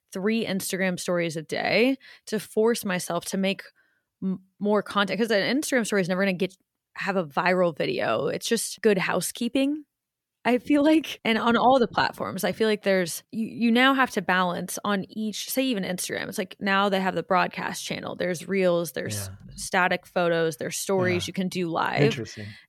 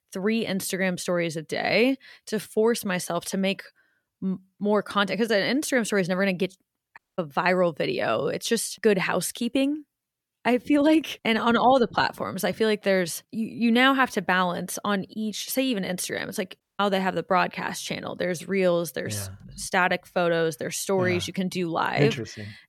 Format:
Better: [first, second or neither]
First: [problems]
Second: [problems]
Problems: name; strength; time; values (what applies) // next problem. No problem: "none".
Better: first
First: none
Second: audio cutting out; at 7 s and at 17 s